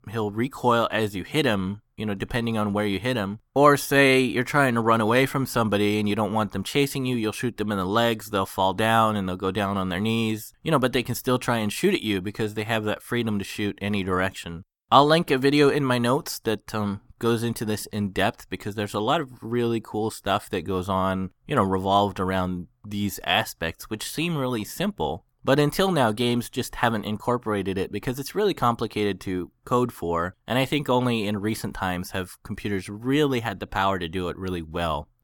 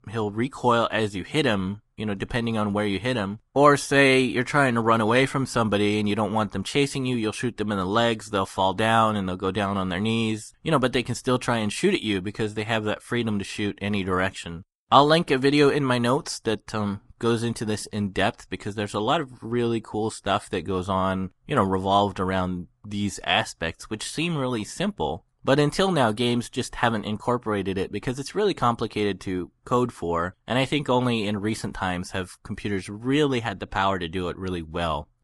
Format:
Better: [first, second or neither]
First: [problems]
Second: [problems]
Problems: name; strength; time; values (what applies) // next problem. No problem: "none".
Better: first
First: none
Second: garbled, watery; slightly; nothing above 11.5 kHz